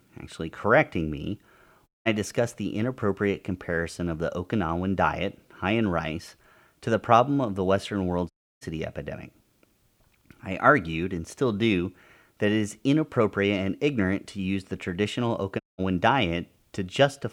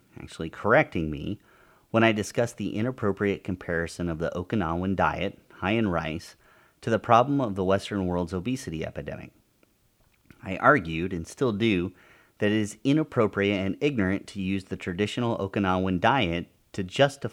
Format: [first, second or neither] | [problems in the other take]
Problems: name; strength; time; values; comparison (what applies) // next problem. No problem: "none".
second | audio cutting out; at 2 s, at 8.5 s and at 16 s